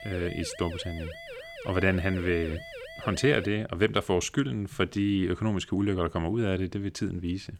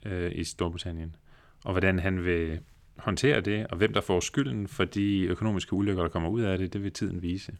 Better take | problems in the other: second | siren; faint; until 3.5 s; peak 10 dB below the speech

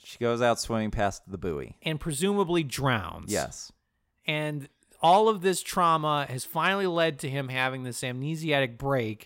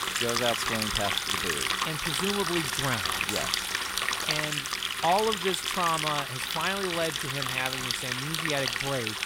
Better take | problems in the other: first | household noises; very loud; throughout; 3 dB above the speech

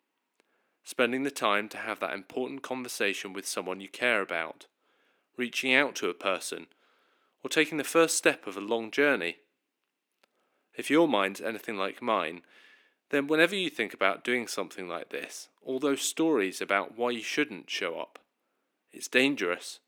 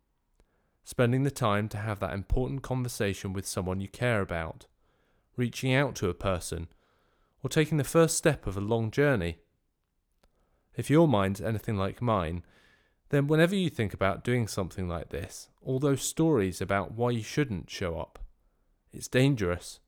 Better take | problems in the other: second | thin; somewhat; fading below 250 Hz

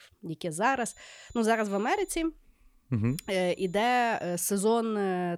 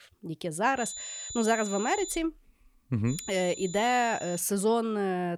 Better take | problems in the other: first | high-pitched whine; loud; from 1 to 2 s and from 3 to 4.5 s; 7 kHz, 10 dB below the speech; faint in the first

